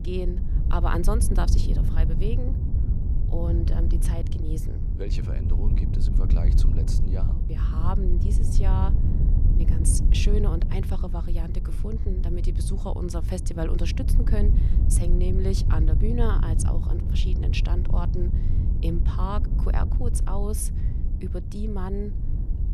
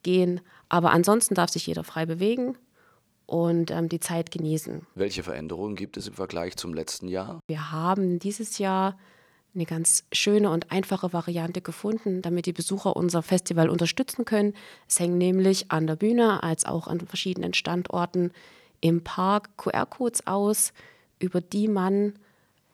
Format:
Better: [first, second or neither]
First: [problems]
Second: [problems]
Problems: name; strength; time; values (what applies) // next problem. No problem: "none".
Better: second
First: wind noise on the microphone; heavy; 5 dB below the speech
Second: none